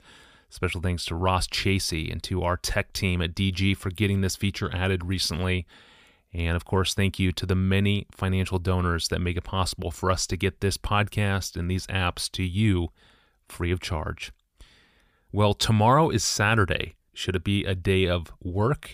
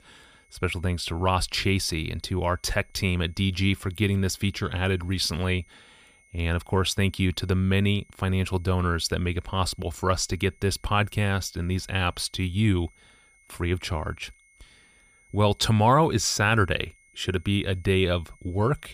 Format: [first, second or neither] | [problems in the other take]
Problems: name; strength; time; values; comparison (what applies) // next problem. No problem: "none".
first | high-pitched whine; faint; throughout; 2 kHz, 35 dB below the speech